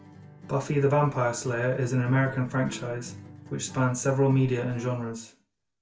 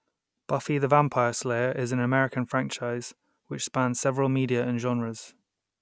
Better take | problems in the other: second | background sound (Acoustic guitar); 18 dB below the speech // room echo; dies away in 0.3 s

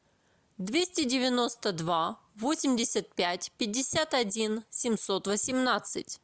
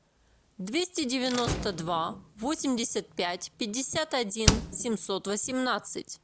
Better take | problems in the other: first | background sound (Slam); 5 dB below the speech

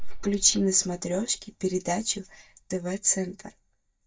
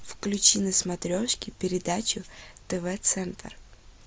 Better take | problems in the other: second | noise reduction (neural mask model DeepFilterNet 3)

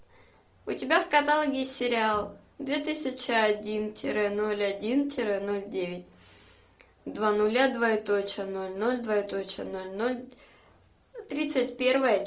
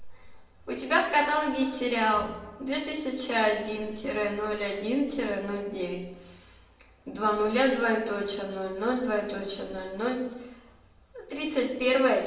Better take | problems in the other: first | room echo; dies away in 0.8 s

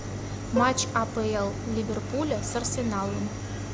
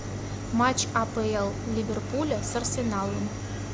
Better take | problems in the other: second | background sound (Plucked string instrument); 8 dB below the speech

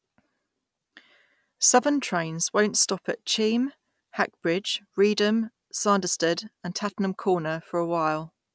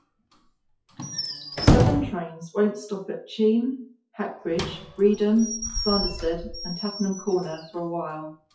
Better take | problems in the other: first | noise reduction (classical method WPE with log-MMSE)

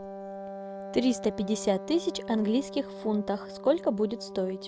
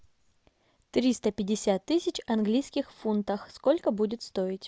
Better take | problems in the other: second | background sound (Wind instrument, woodwind instrument); 11 dB below the speech

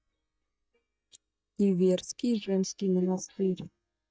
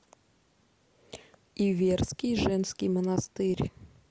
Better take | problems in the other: second | noise reduction (neural mask model DeepFilterNet 3)

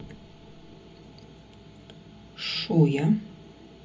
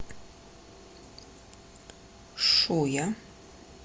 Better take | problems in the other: second | room echo; dies away in 0.4 s

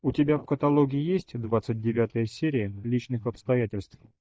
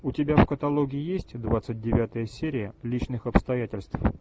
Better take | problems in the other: second | noise reduction (neural mask model DeepFilterNet 3)

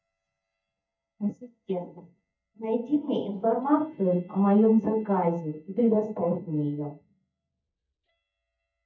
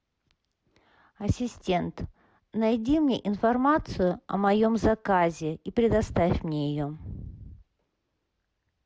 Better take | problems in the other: second | noise reduction (neural mask model DeepFilterNet 3)

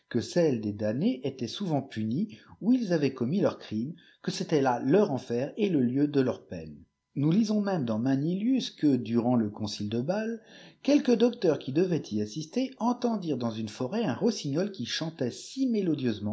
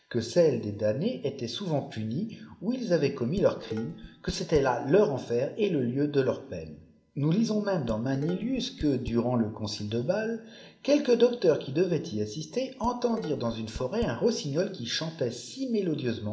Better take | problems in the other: first | background sound (Dishes, pots, and pans); 15 dB below the speech // room echo; dies away in 0.9 s

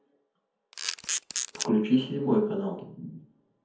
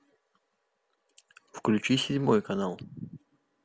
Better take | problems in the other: second | background sound (Camera); 3 dB below the speech // room echo; dies away in 0.5 s

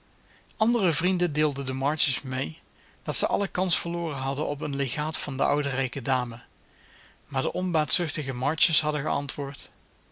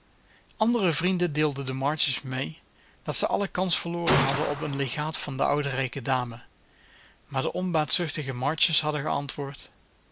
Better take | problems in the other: first | background sound (Gunshot, gunfire); 3 dB below the speech

